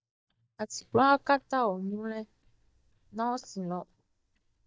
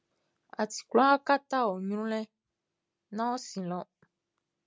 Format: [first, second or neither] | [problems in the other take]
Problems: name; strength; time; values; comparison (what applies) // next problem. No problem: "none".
second | noise reduction (neural mask model DeepFilterNet 3)